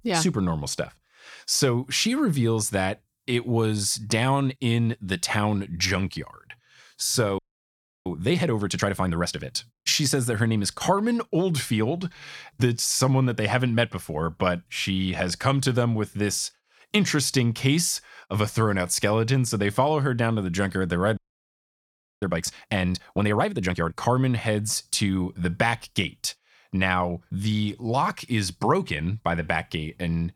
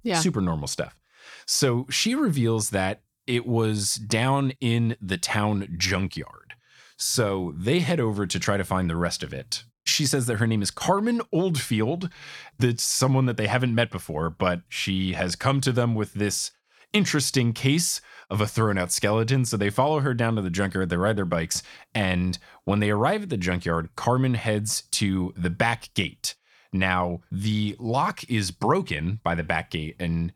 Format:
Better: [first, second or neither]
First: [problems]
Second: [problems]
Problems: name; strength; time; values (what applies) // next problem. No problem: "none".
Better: second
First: audio freezing; at 7.5 s for 0.5 s and at 21 s for 1 s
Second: none